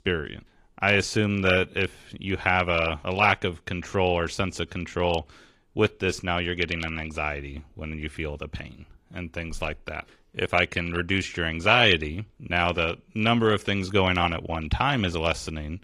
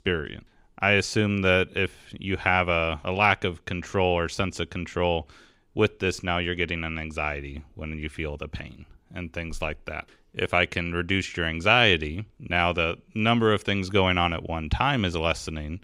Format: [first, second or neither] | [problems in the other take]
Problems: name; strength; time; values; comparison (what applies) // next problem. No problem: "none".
second | garbled, watery; slightly; nothing above 15 kHz